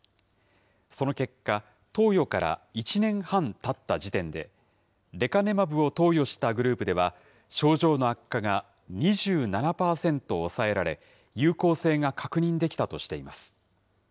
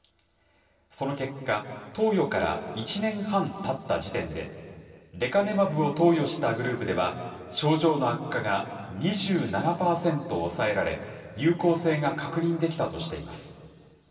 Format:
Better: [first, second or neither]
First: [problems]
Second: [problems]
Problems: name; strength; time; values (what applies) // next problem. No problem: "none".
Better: first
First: none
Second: room echo; dies away in 2.7 s